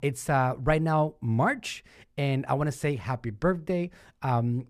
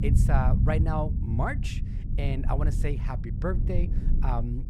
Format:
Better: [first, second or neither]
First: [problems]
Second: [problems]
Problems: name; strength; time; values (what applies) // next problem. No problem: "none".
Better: first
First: none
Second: low rumble; loud; throughout; 8 dB below the speech